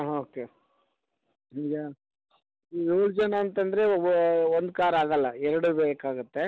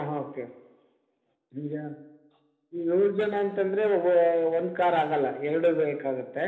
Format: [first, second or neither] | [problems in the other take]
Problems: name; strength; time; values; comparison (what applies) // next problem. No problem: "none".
first | room echo; dies away in 1.1 s